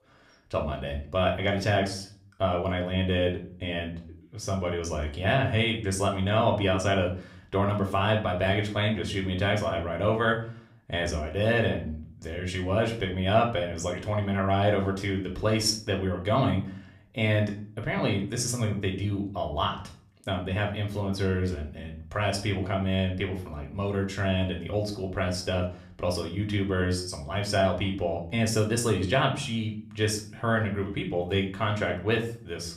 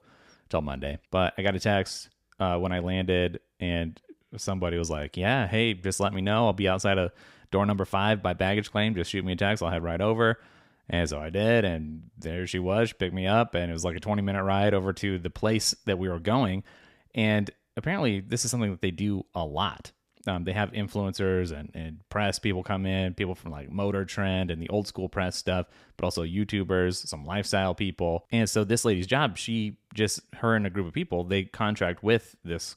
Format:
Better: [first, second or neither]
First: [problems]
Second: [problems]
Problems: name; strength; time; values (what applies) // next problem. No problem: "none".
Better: second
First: room echo; slight; dies away in 0.4 s // off-mic speech; somewhat distant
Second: none